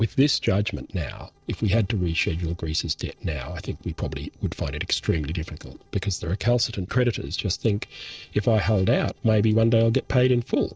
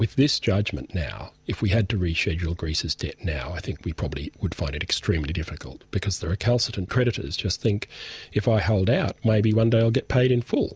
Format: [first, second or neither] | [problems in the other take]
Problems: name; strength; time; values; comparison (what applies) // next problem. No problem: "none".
second | noise reduction (neural separator model SepFormer DNS4)